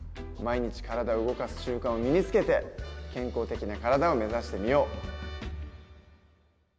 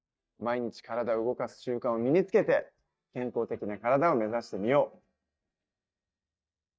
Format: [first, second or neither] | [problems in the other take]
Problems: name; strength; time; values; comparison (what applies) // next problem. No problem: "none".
first | noise reduction (neural mask model DeepFilterNet 3)